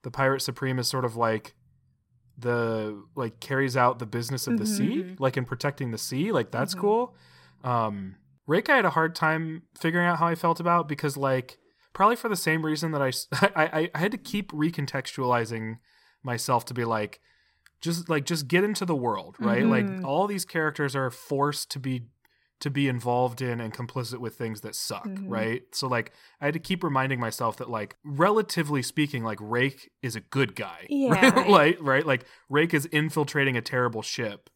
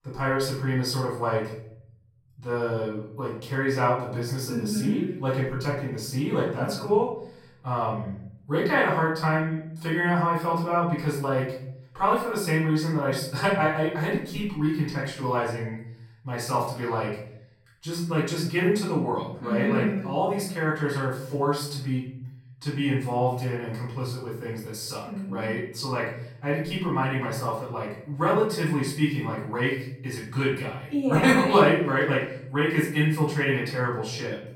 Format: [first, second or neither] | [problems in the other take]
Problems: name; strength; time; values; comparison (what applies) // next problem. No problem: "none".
first | off-mic speech; far // room echo; noticeable; dies away in 0.7 s